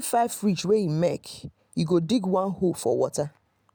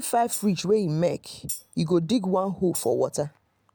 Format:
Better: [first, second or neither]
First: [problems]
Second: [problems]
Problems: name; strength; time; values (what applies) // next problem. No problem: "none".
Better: first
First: none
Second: background sound (Tambourine); 15 dB below the speech